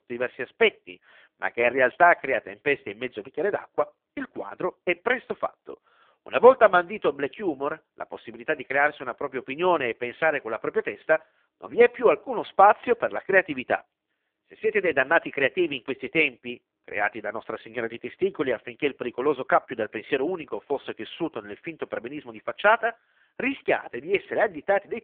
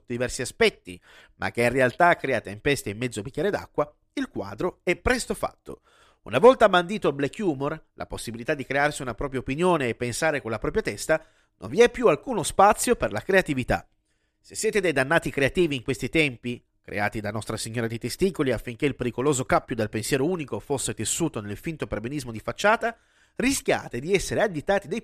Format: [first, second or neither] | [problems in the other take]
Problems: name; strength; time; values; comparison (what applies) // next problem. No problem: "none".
second | phone-call audio; poor line